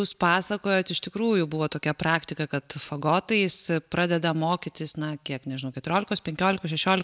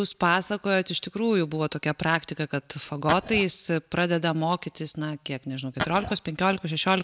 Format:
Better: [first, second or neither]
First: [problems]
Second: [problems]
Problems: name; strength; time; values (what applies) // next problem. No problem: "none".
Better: first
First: none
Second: background sound (Glass); 5 dB below the speech